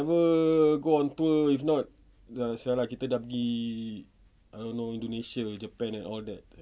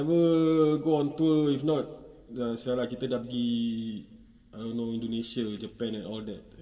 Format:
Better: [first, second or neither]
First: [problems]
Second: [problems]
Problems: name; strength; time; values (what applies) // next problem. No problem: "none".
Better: first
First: none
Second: room echo; dies away in 1.6 s